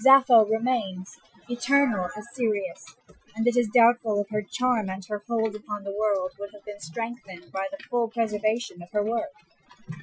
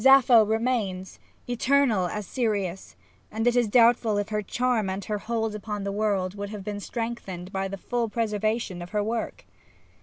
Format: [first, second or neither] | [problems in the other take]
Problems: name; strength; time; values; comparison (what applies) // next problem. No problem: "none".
second | noise reduction (classical method Wiener filter)